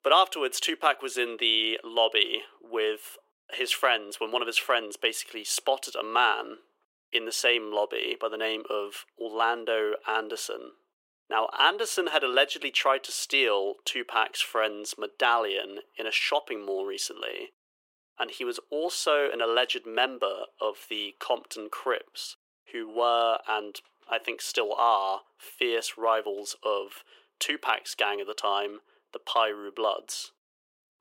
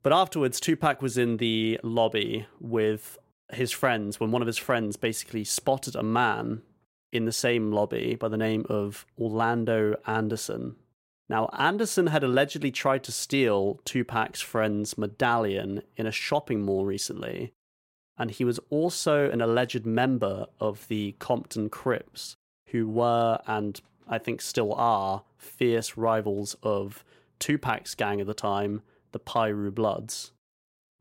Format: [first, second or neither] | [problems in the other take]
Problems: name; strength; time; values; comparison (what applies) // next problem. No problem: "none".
second | thin; very; fading below 400 Hz